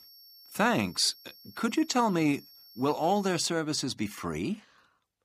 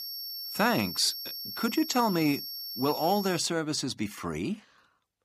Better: first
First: high-pitched whine; faint; until 3.5 s; 5.5 kHz, 25 dB below the speech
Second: high-pitched whine; loud; until 3.5 s; 5.5 kHz, 7 dB below the speech

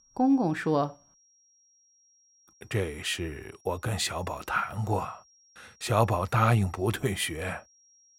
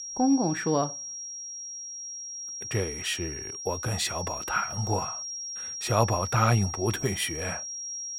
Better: first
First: high-pitched whine; faint; throughout; 5.5 kHz, 30 dB below the speech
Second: high-pitched whine; loud; throughout; 5.5 kHz, 6 dB below the speech

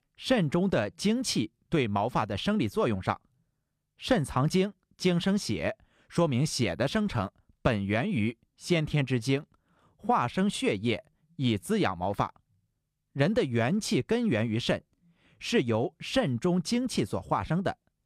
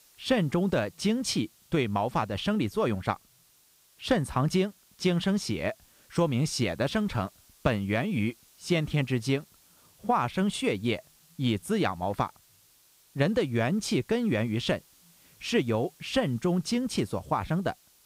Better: first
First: none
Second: hiss; faint; throughout; 30 dB below the speech

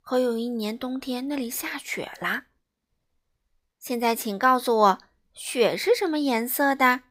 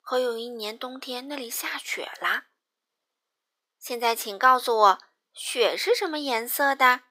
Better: first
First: none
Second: thin; somewhat; fading below 350 Hz

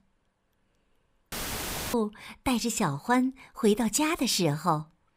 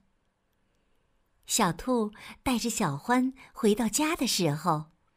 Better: second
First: audio cutting out; filled with static; at 1.5 s for 0.5 s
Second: none

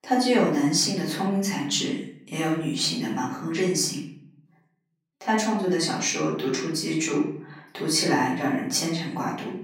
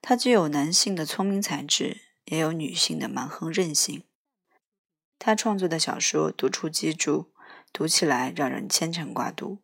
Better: second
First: off-mic speech; far // room echo; noticeable; dies away in 0.7 s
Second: none

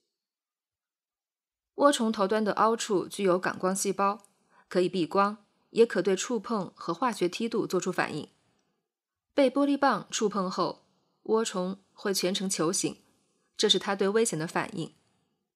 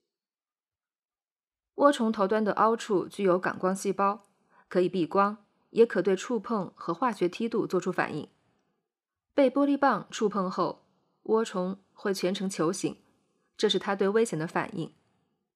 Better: first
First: none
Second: muffled; slightly; fading above 3 kHz

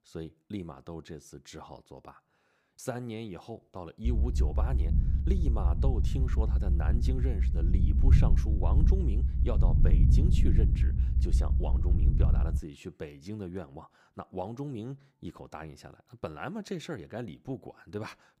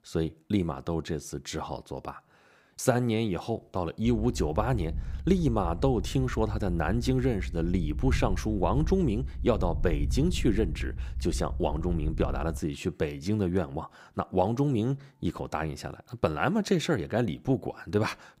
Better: second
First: low rumble; loud; from 4 to 13 s; 2 dB below the speech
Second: low rumble; faint; from 4 to 13 s; 20 dB below the speech

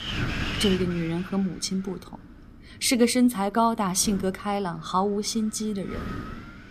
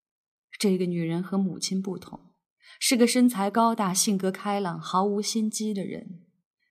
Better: second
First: wind noise on the microphone; heavy; 7 dB below the speech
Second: none

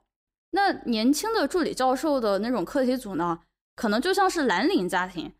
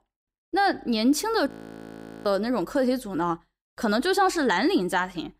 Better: first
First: none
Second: audio freezing; at 1.5 s for 1 s

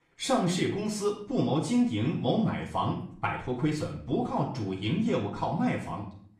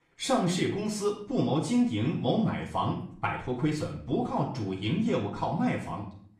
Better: neither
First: off-mic speech; far // room echo; slight; dies away in 0.5 s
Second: off-mic speech; far // room echo; slight; dies away in 0.5 s

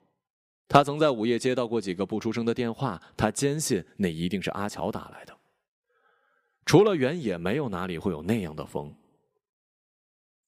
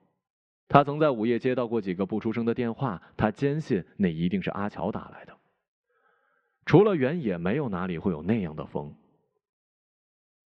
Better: first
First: none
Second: muffled; very; fading above 3 kHz

